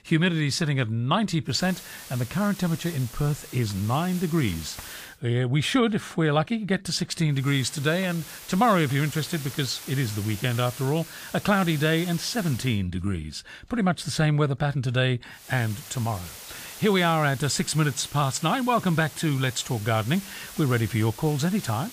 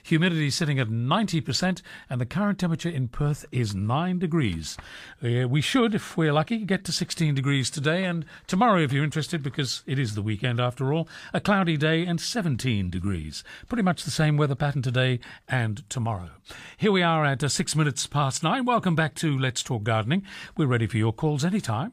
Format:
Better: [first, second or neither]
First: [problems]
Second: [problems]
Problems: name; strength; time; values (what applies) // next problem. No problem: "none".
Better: second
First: hiss; noticeable; from 1.5 to 5 s, from 7.5 to 13 s and from 15 s on; 15 dB below the speech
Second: none